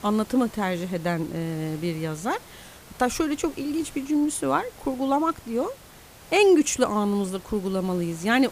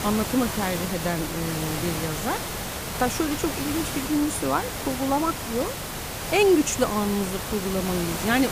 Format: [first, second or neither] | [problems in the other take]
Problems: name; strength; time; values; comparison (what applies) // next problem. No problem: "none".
first | hiss; loud; throughout; 4 dB below the speech; faint in the first